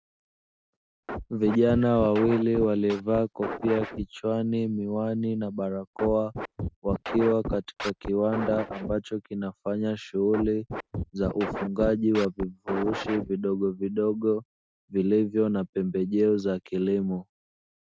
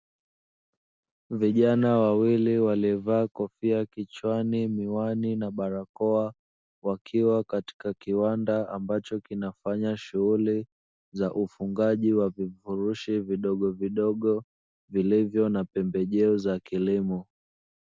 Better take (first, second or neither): second